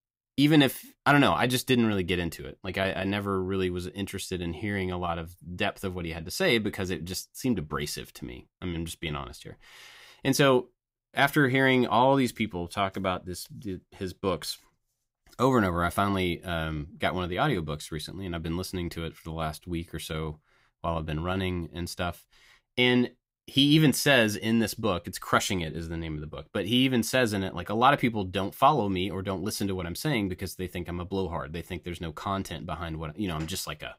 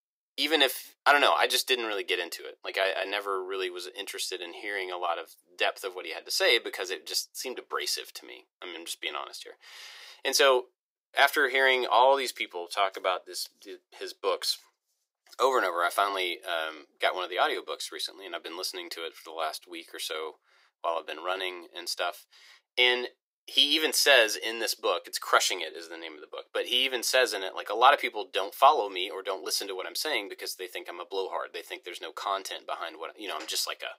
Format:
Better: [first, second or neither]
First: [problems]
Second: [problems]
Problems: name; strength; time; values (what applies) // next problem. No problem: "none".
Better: first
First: none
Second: thin; very; fading below 400 Hz